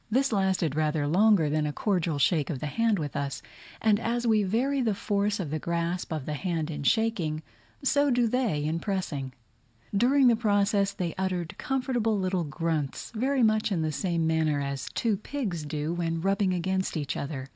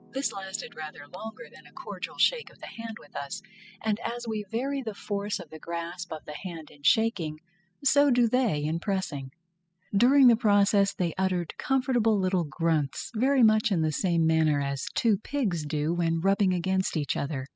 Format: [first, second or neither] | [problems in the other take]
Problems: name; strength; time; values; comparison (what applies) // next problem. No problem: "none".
first | noise reduction (classical method spectral subtraction)